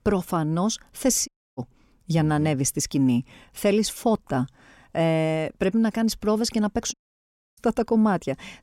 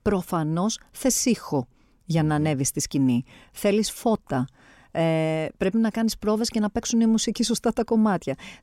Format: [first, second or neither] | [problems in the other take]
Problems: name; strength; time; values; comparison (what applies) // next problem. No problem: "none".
second | audio cutting out; at 1.5 s and at 7 s for 0.5 s